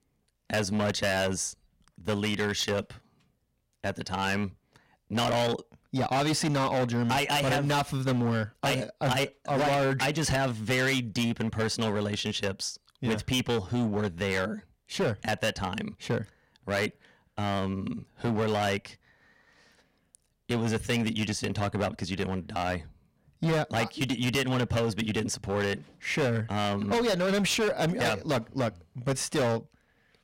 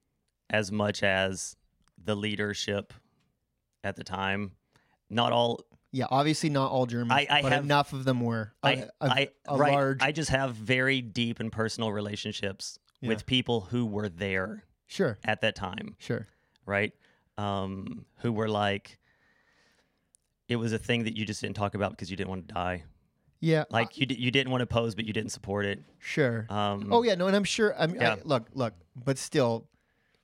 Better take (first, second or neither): second